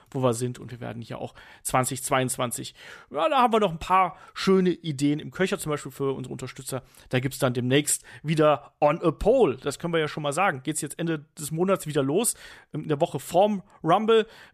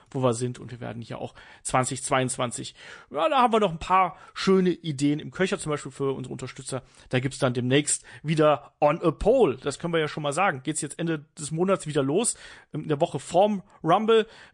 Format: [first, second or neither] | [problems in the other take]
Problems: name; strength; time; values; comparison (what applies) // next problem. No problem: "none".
first | garbled, watery; slightly